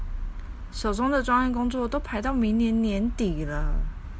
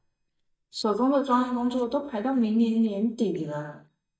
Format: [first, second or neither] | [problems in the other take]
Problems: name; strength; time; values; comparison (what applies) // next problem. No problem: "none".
first | noise reduction (neural mask model DeepFilterNet 3)